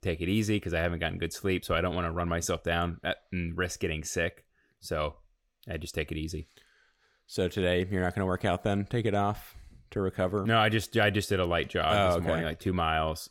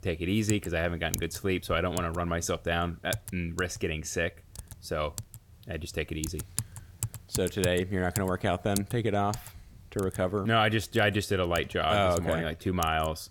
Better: first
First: none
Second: household noises; noticeable; throughout; 10 dB below the speech

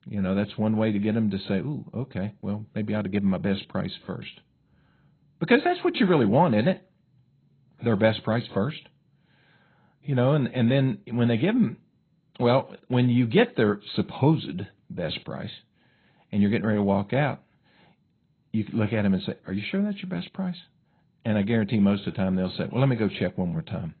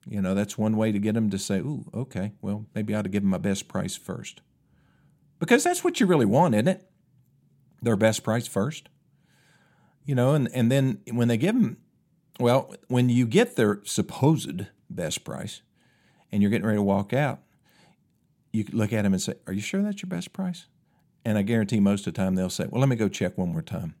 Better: second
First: garbled, watery; badly; nothing above 4 kHz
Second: none

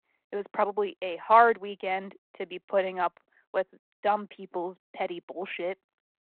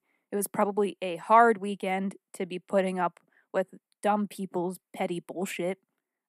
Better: second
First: phone-call audio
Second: none

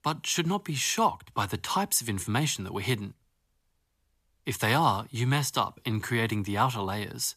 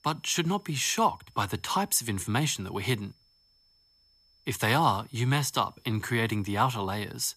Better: first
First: none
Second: high-pitched whine; faint; throughout; 5.5 kHz, 35 dB below the speech

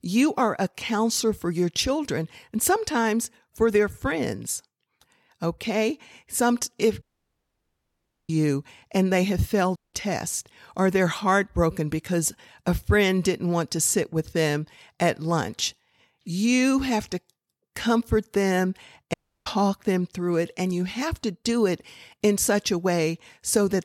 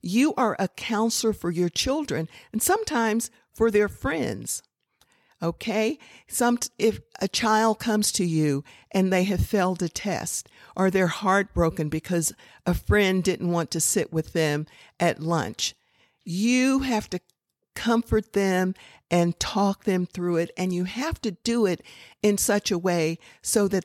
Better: second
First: audio cutting out; at 7 s for 1.5 s, at 10 s and at 19 s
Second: none

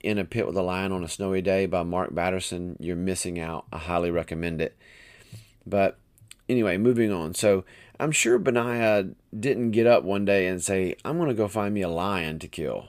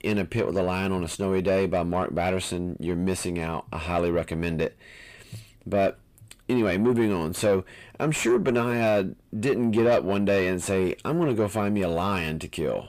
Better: first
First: none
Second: distortion; slight; 10 dB below the speech

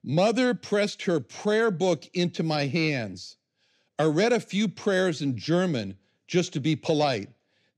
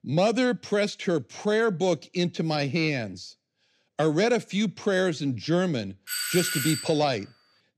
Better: first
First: none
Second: doorbell; noticeable; at 6 s; peak 1 dB below the speech

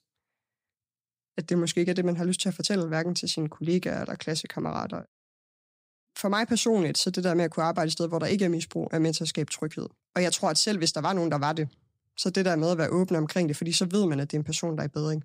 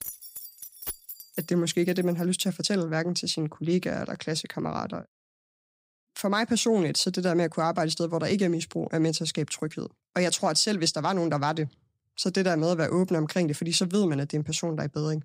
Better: first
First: none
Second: jangling keys; noticeable; until 2.5 s; peak 8 dB below the speech

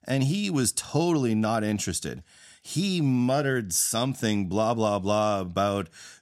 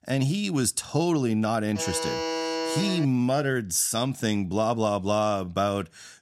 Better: first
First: none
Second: alarm; noticeable; from 2 to 3 s; peak 3 dB below the speech

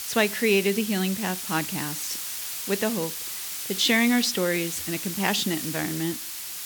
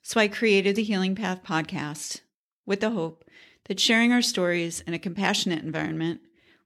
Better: second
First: hiss; loud; throughout; 5 dB below the speech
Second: none

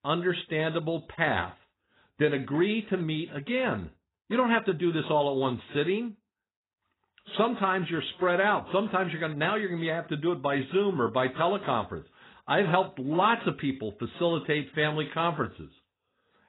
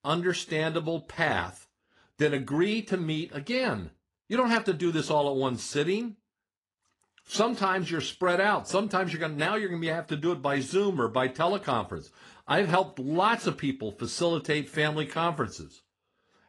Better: second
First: garbled, watery; badly; nothing above 4 kHz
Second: garbled, watery; slightly; nothing above 10 kHz

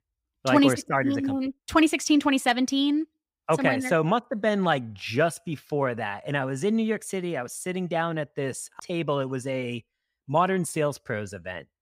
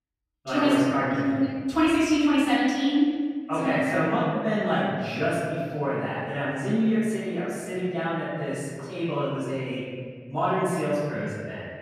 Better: first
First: none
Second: room echo; strong; dies away in 1.8 s // off-mic speech; far

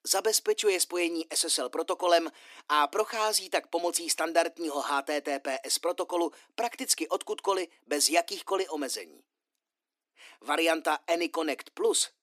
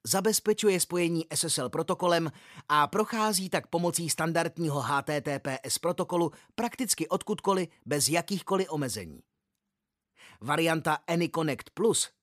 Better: second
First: thin; somewhat; fading below 300 Hz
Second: none

